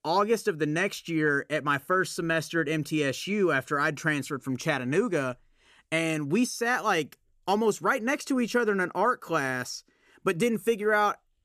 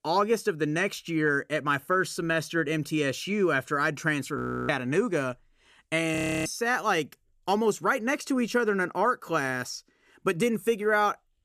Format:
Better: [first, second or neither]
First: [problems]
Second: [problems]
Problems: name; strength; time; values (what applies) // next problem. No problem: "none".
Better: first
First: none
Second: audio freezing; at 4.5 s and at 6 s